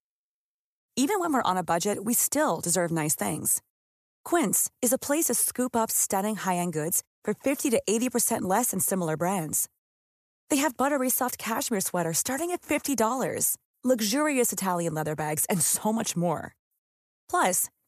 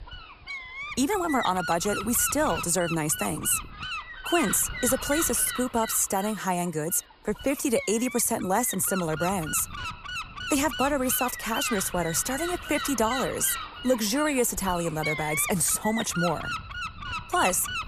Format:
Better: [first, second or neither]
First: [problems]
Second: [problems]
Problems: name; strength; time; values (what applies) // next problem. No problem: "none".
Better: first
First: none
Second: wind noise on the microphone; heavy; 5 dB below the speech